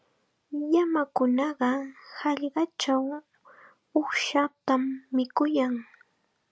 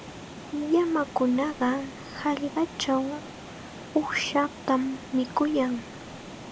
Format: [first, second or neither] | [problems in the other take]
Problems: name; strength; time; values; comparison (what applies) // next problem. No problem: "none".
first | background sound (Water); 14 dB below the speech